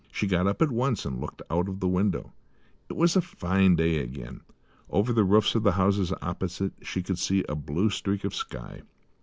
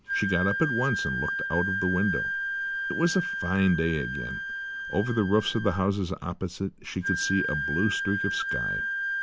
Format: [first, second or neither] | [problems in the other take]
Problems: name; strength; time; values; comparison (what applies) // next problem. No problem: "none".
first | background sound (Wind instrument, woodwind instrument); 3 dB below the speech